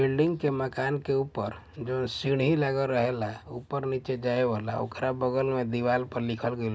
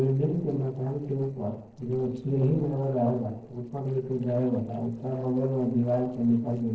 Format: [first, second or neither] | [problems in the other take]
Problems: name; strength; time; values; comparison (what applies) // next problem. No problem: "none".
first | noise reduction (neural separator model SepFormer DNS4)